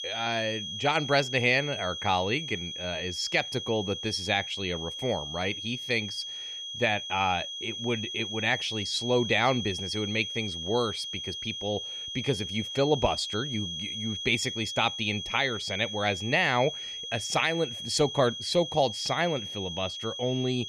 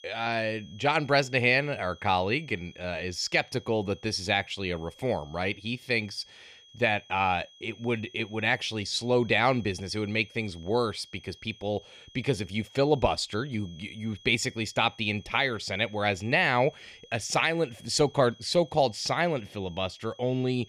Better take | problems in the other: second | high-pitched whine; loud; throughout; 3.5 kHz, 6 dB below the speech; faint in the second

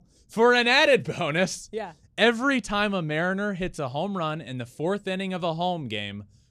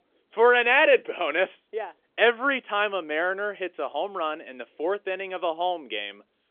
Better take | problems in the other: first | phone-call audio; nothing above 3.5 kHz

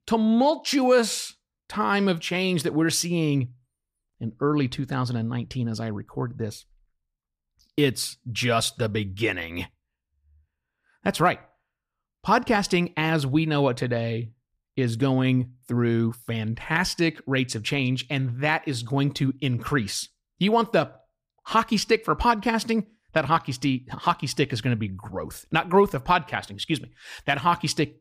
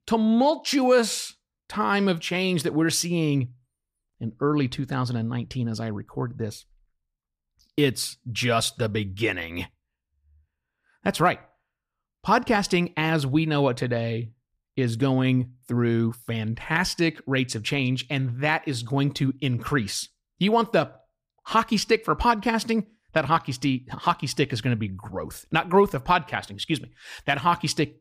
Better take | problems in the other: neither | none

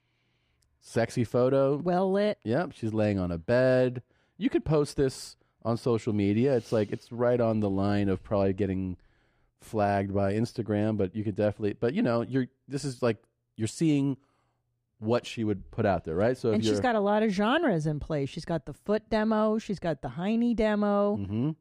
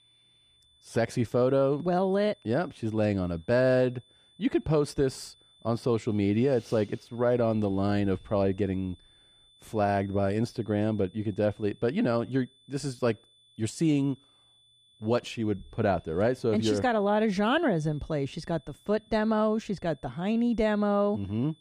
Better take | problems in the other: first | high-pitched whine; faint; throughout; 3.5 kHz, 30 dB below the speech

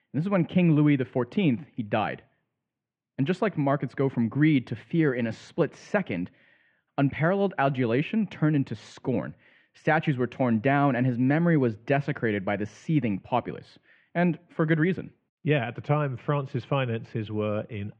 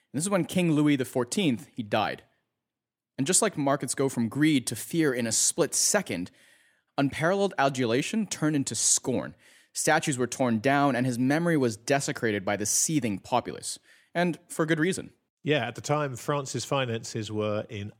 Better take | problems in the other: second | muffled; very; fading above 2.5 kHz

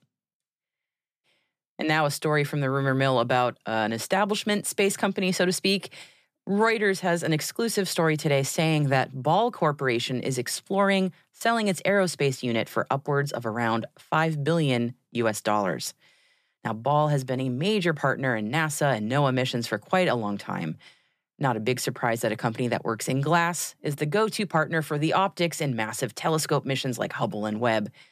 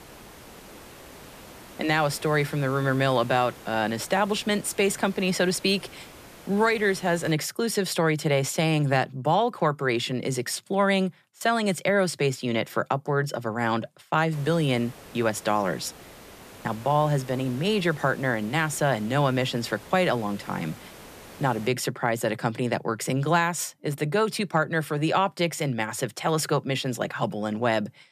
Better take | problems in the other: first | hiss; noticeable; until 7.5 s and from 14 to 22 s; 20 dB below the speech

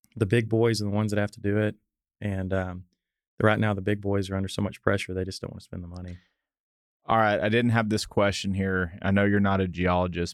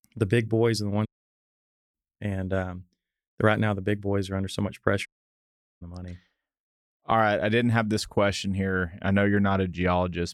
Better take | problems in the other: first | audio cutting out; at 1 s for 1 s and at 5 s for 1 s

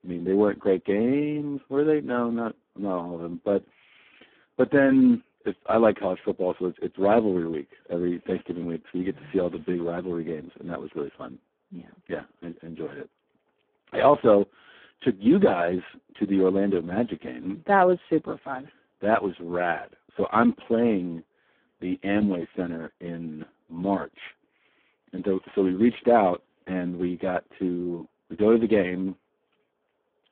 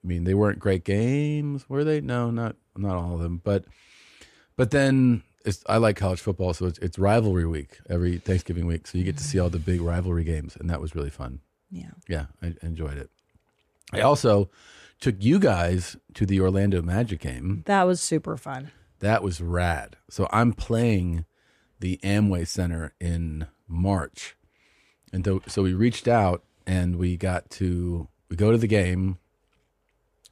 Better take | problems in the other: second | phone-call audio; poor line; nothing above 3.5 kHz

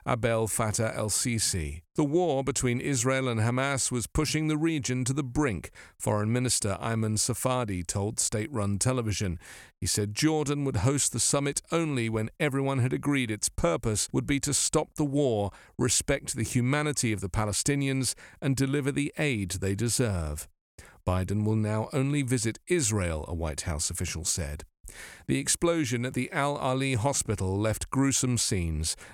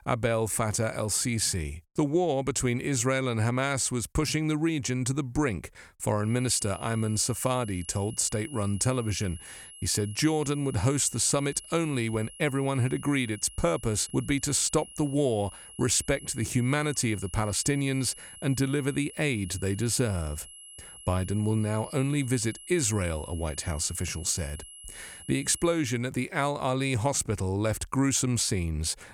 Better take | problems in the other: first | high-pitched whine; noticeable; from 6.5 to 26 s; 11 kHz, 15 dB below the speech

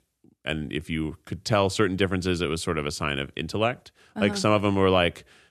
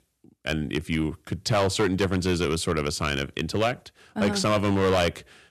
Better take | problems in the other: first | distortion; heavy; 6% of the sound clipped

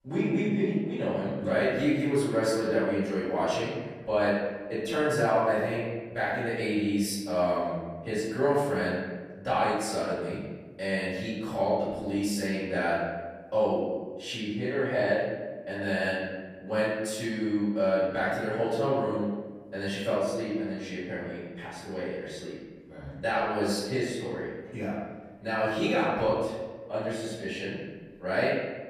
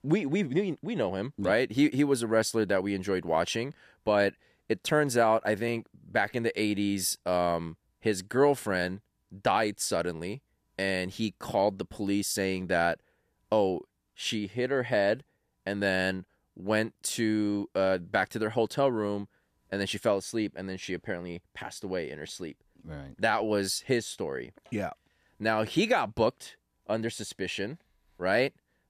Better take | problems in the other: second | off-mic speech; far // room echo; strong; dies away in 1.2 s

